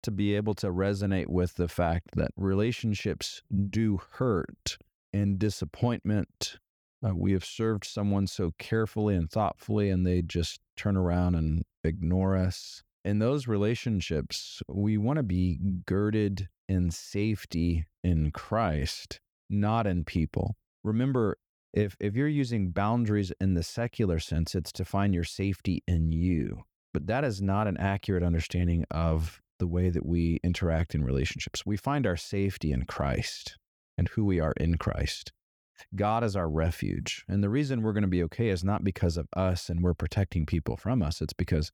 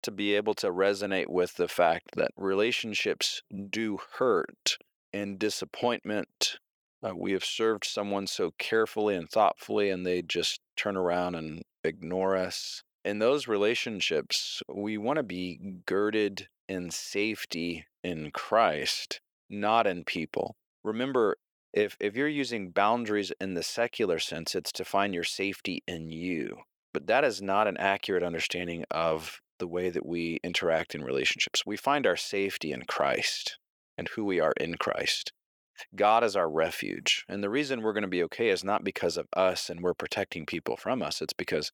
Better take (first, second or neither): first